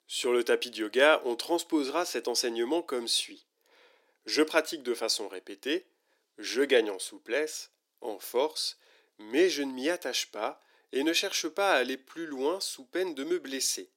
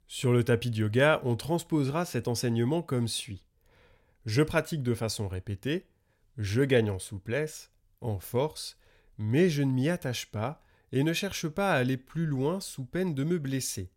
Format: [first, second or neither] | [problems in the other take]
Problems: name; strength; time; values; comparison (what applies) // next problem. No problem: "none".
second | thin; somewhat; fading below 300 Hz